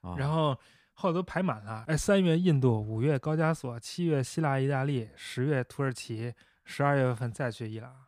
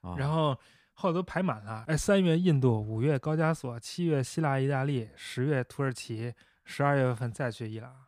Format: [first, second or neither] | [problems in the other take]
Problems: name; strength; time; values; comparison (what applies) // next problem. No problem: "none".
neither | none